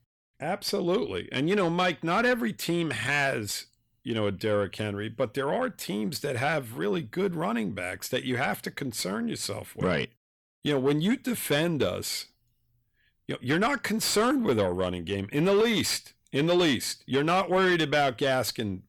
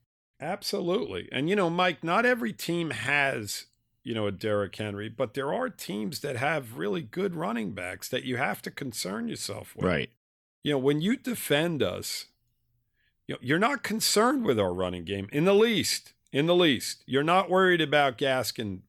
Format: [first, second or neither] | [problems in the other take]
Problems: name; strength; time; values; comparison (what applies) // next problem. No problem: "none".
second | distortion; slight; 10 dB below the speech